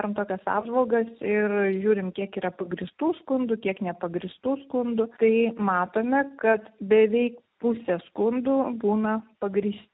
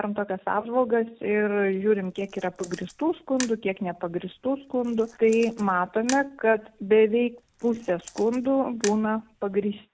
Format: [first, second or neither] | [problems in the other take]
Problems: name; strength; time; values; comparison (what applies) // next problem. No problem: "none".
first | background sound (Camera); 18 dB below the speech